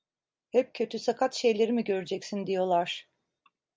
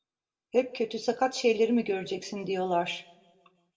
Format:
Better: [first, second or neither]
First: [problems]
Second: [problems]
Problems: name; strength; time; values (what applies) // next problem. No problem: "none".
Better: first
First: none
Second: room echo; dies away in 0.6 s